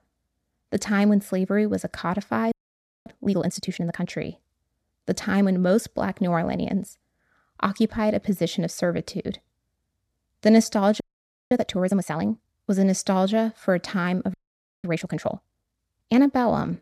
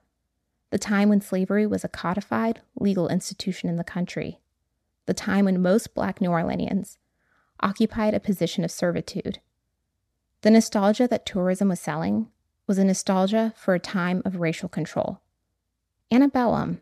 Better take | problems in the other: second | audio freezing; at 2.5 s for 0.5 s, at 11 s for 0.5 s and at 14 s for 0.5 s

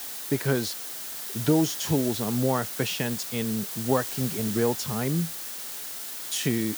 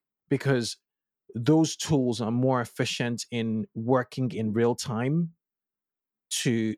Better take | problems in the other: second | hiss; loud; throughout; 5 dB below the speech

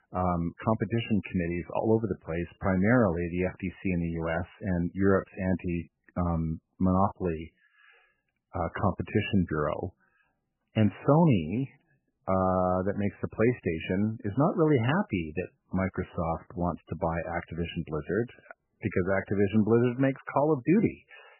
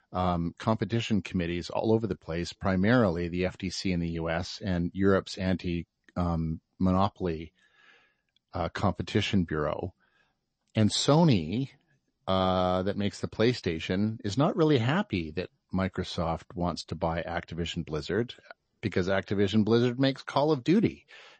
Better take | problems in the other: second | garbled, watery; badly; nothing above 3 kHz; slightly in the second

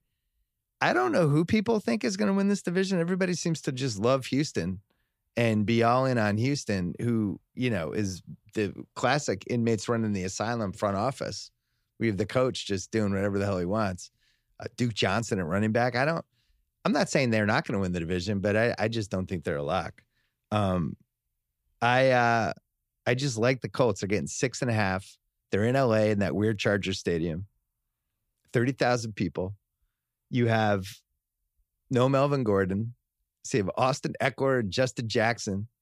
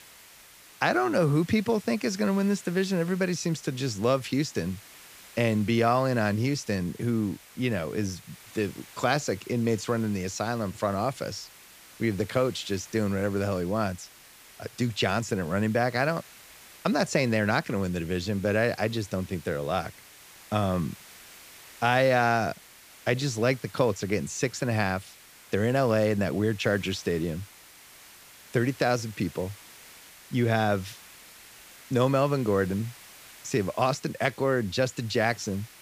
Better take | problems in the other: first | hiss; faint; throughout; 20 dB below the speech

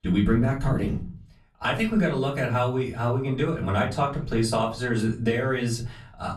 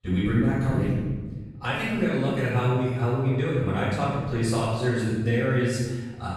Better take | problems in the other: first | room echo; strong; dies away in 1.3 s; slight in the first // off-mic speech; far; far in the first

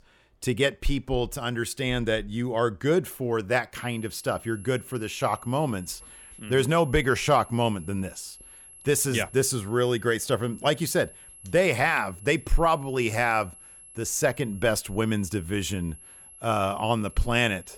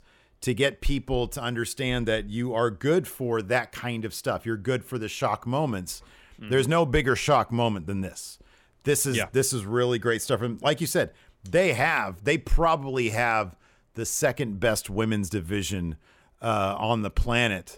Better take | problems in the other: second | high-pitched whine; noticeable; from 4 s on; 11 kHz, 20 dB below the speech

